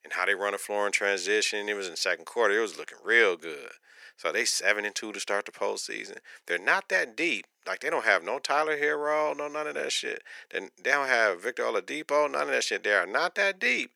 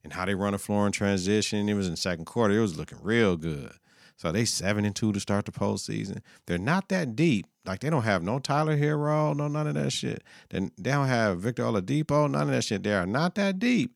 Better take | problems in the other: second | thin; very; fading below 400 Hz

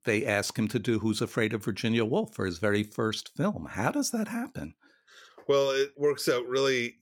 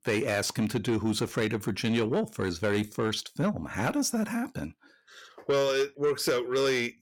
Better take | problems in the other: first | distortion; slight; 10 dB below the speech

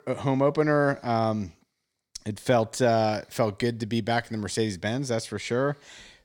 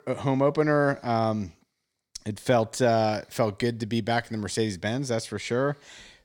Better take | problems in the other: neither | none

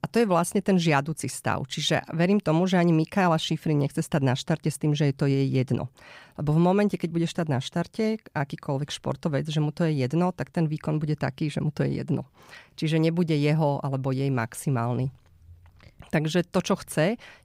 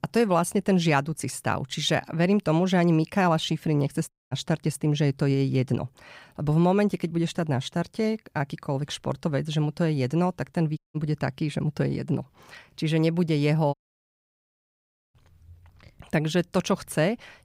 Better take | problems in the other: first | audio cutting out; at 4 s, at 11 s and at 14 s for 1.5 s

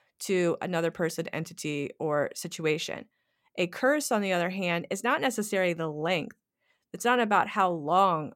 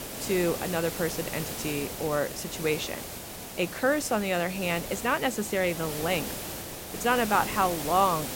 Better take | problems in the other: first | hiss; loud; throughout; 7 dB below the speech

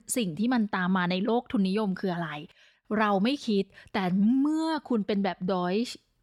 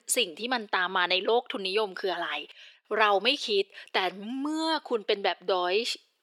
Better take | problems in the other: first | thin; very; fading below 400 Hz

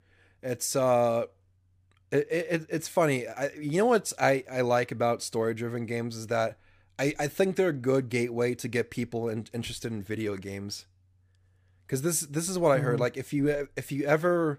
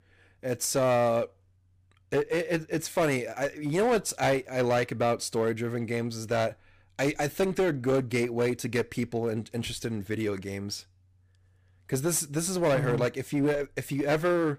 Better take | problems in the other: first | distortion; slight; 8% of the sound clipped

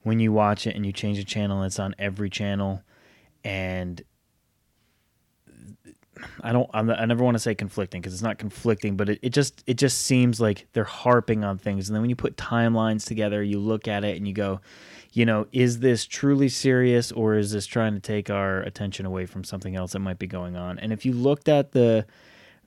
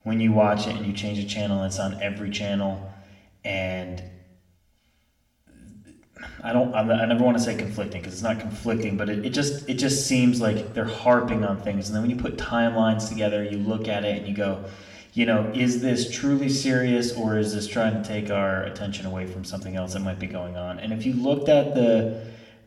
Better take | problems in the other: first | room echo; slight; dies away in 0.7 s // off-mic speech; somewhat distant

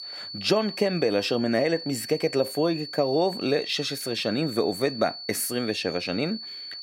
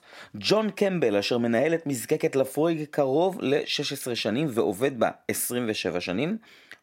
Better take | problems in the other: second | high-pitched whine; loud; throughout; 4.5 kHz, 9 dB below the speech

